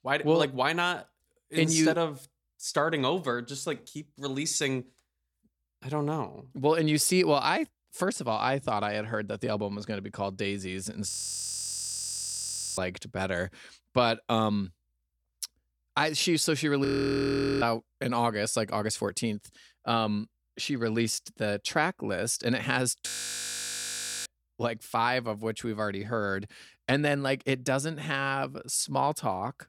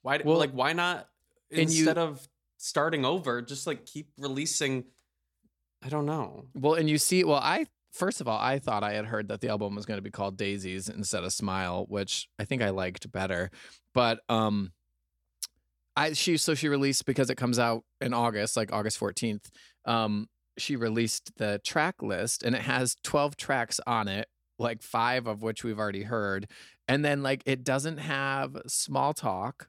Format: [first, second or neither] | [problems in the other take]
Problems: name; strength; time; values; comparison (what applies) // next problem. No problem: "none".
second | audio freezing; at 11 s for 1.5 s, at 17 s for 1 s and at 23 s for 1 s